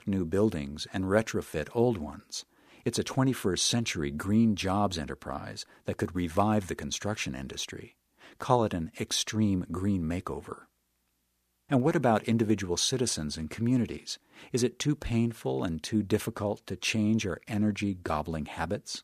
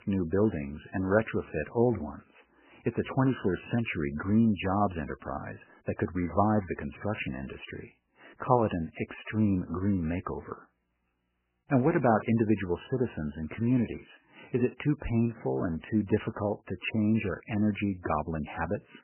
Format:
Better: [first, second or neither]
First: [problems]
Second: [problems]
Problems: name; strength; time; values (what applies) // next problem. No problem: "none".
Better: first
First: none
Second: garbled, watery; badly; nothing above 3 kHz